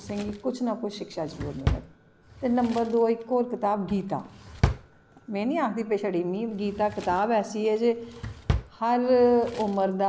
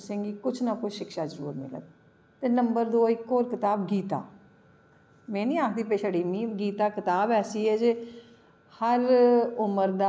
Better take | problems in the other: second | background sound (Drawer open or close); 9 dB below the speech

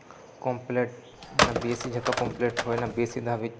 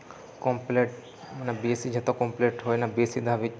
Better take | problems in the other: second | background sound (Telephone); as loud as the speech

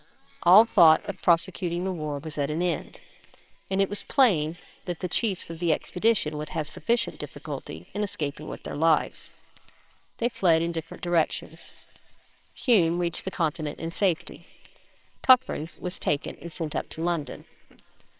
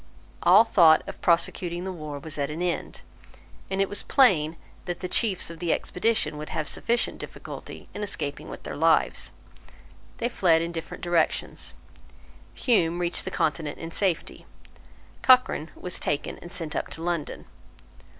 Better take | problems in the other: second | noise reduction (neural separator model SepFormer WHAMR!)

